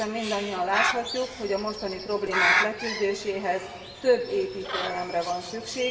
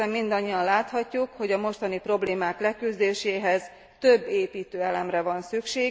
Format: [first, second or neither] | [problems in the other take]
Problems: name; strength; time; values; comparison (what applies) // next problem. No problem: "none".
second | background sound (Bird); 2 dB below the speech // room echo; dies away in 2.4 s